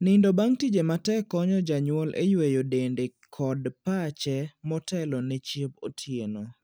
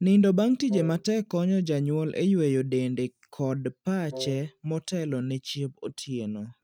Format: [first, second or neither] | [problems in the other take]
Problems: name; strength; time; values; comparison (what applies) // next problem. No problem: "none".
first | noise reduction (neural mask model RNNoise)